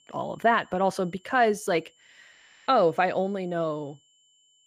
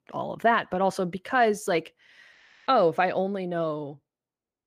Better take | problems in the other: second | high-pitched whine; faint; throughout; 3 kHz, 35 dB below the speech

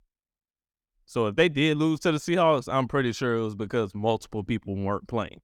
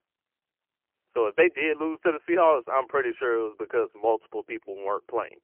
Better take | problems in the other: first | phone-call audio; poor line; nothing above 2.5 kHz

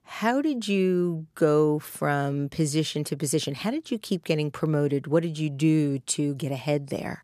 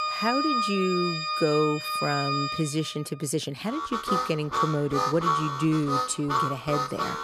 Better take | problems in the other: first | background music; very loud; throughout; as loud as the speech

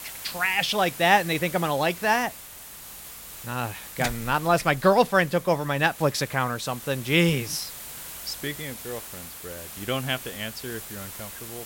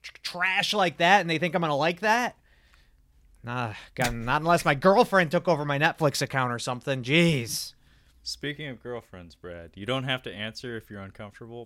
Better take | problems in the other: second | hiss; noticeable; throughout; 15 dB below the speech

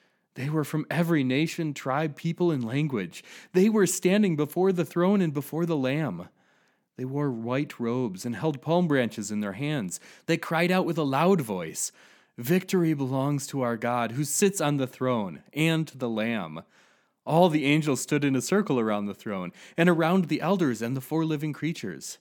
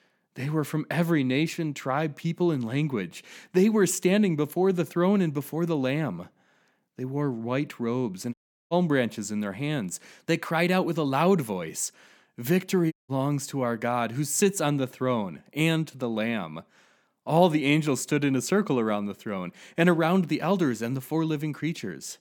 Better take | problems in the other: first | audio cutting out; at 8.5 s and at 13 s

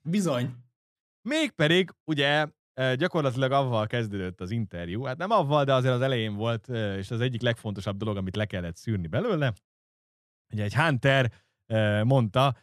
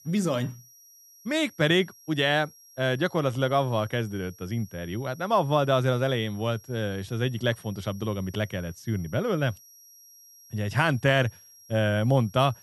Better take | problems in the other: first | high-pitched whine; faint; throughout; 5.5 kHz, 25 dB below the speech

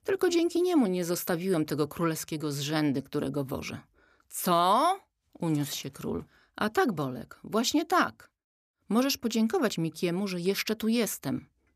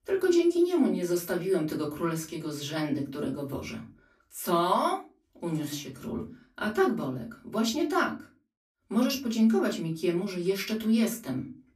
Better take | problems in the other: first | off-mic speech; far // room echo; very slight; dies away in 0.2 s

